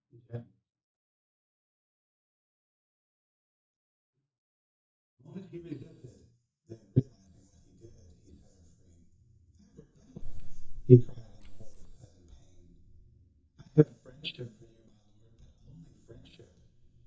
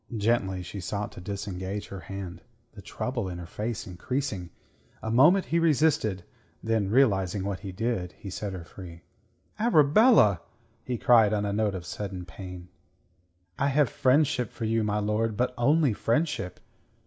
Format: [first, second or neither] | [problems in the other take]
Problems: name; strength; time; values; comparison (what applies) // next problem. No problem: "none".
second | noise reduction (neural mask model DeepFilterNet 3)